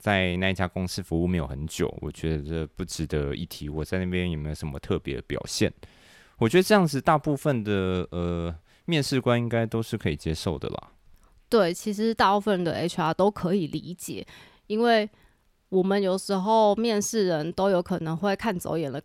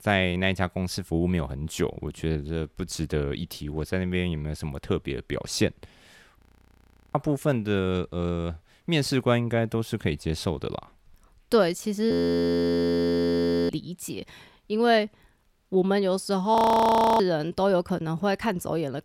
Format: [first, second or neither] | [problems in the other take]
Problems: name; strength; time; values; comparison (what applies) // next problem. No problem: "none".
first | audio freezing; at 6.5 s for 1 s, at 12 s for 1.5 s and at 17 s for 0.5 s